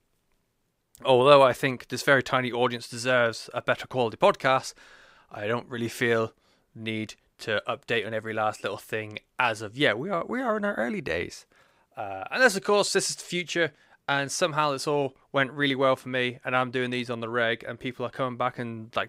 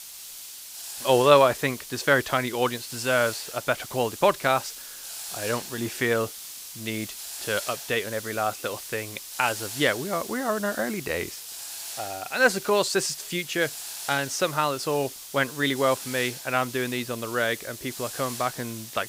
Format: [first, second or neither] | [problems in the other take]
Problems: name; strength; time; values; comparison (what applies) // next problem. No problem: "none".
first | hiss; noticeable; throughout; 10 dB below the speech